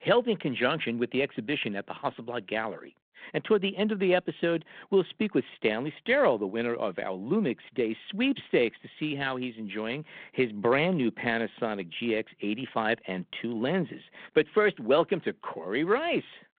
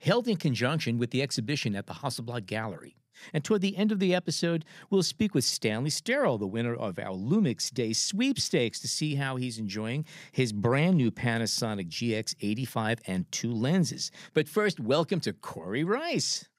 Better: second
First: phone-call audio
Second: none

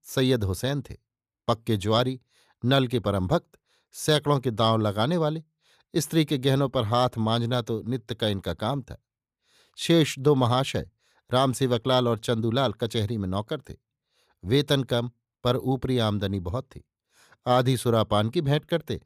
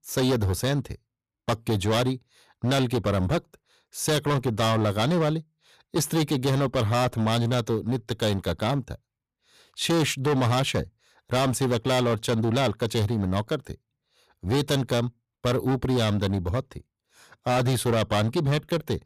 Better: first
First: none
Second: distortion; heavy; 17% of the sound clipped

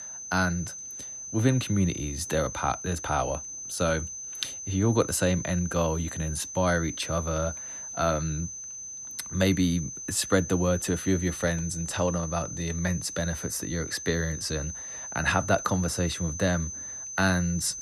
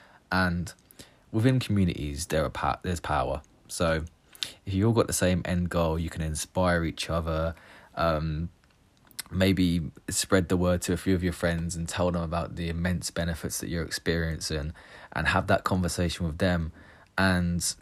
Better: second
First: high-pitched whine; loud; throughout; 6 kHz, 8 dB below the speech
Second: none

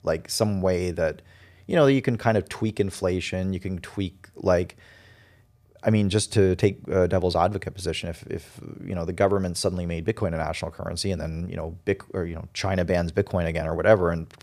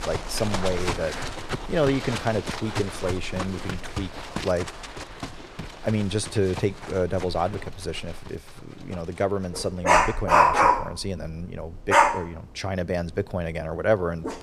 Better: first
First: none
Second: animal sounds; very loud; throughout; 3 dB above the speech

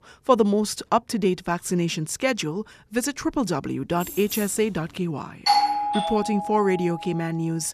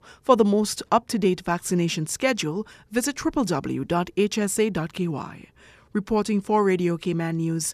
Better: second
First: jangling keys; noticeable; at 4 s; peak 8 dB below the speech // doorbell; loud; from 5.5 to 7 s; peak 5 dB above the speech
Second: none

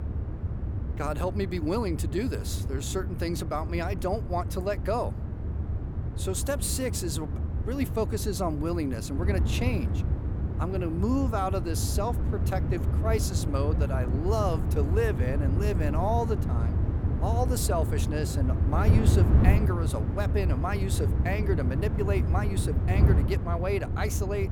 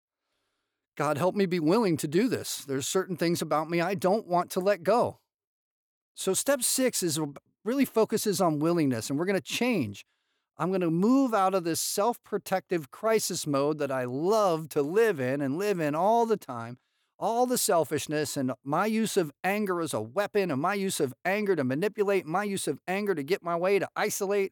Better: second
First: wind noise on the microphone; heavy; 8 dB below the speech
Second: none

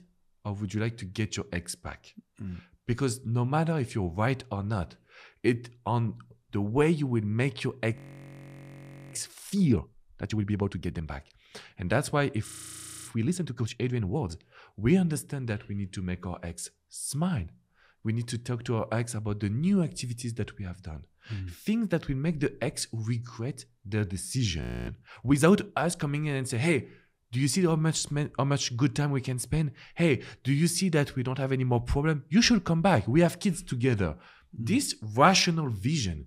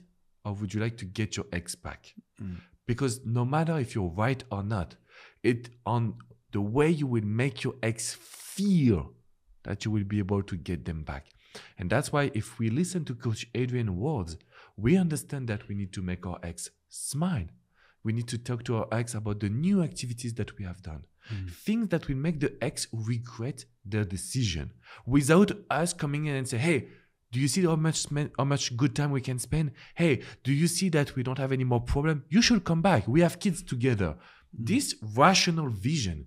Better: second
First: audio freezing; at 8 s for 1 s, at 12 s for 0.5 s and at 25 s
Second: none

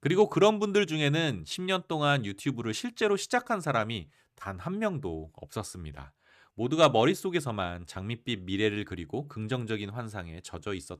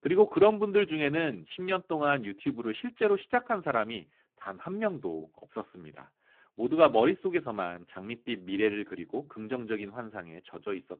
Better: first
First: none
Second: phone-call audio; poor line

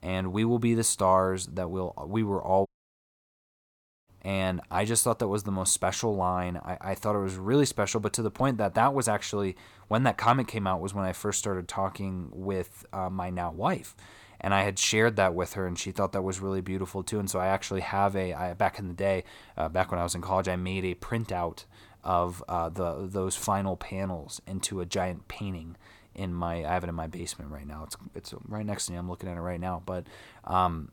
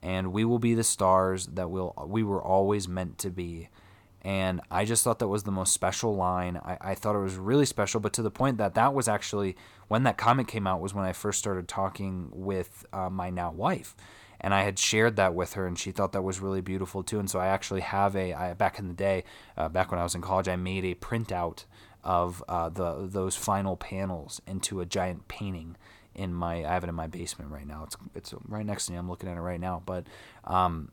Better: second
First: audio cutting out; at 2.5 s for 1.5 s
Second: none

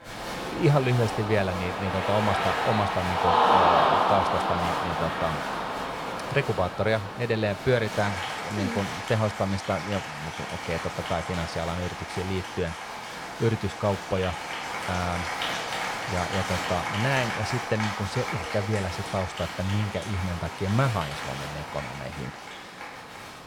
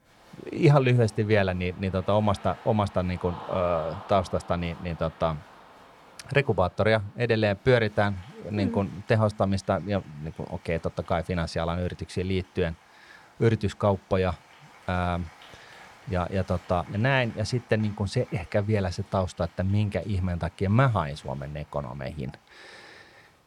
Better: second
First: crowd noise; loud; throughout; 1 dB below the speech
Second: crowd noise; faint; throughout; 25 dB below the speech

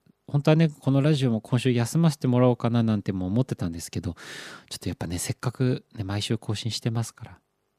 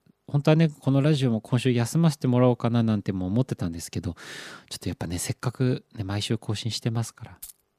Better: first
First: none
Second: jangling keys; faint; at 7.5 s; peak 20 dB below the speech

